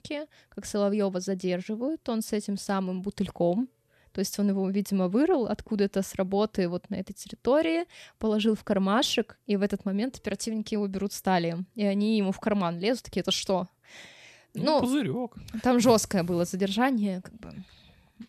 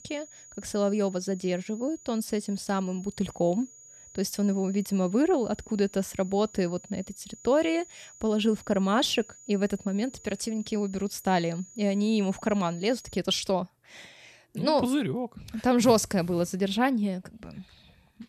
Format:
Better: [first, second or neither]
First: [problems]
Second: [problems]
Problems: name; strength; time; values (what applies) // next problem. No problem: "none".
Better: first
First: none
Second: high-pitched whine; faint; until 13 s; 7 kHz, 20 dB below the speech